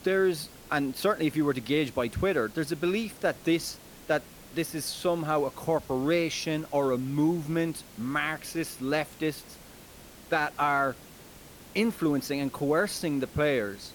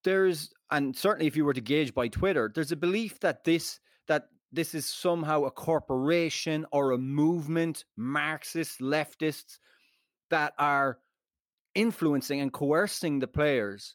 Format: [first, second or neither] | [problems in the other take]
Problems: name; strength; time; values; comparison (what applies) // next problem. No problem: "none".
second | hiss; noticeable; throughout; 20 dB below the speech